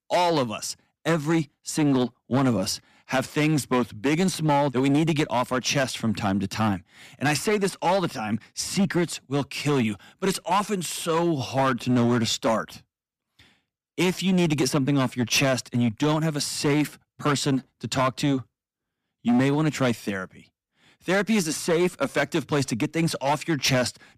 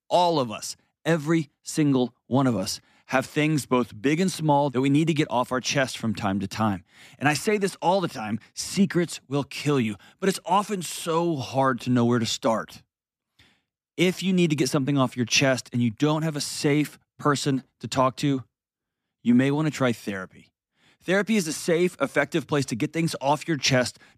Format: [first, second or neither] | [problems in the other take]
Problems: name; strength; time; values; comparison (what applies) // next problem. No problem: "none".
second | distortion; slight; 9% of the sound clipped